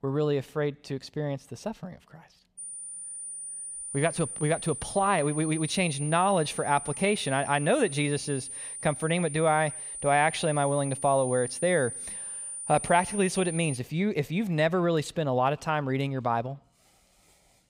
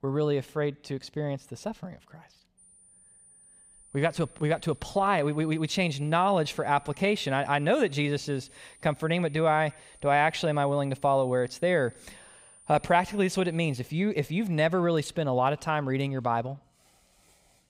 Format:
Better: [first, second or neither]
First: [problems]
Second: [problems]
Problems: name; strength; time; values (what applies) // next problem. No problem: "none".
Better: second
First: high-pitched whine; loud; from 2.5 to 14 s; 9.5 kHz, 8 dB below the speech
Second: high-pitched whine; faint; from 2.5 to 14 s; 9.5 kHz, 25 dB below the speech